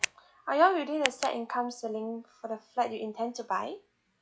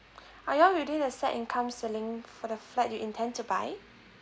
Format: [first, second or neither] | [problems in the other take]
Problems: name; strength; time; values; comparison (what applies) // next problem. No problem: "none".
second | noise reduction (classical method log-MMSE)